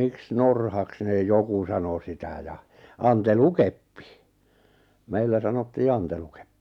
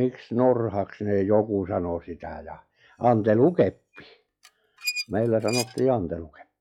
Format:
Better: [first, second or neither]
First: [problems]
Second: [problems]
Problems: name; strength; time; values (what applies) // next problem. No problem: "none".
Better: first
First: none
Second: noise reduction (classical method log-MMSE)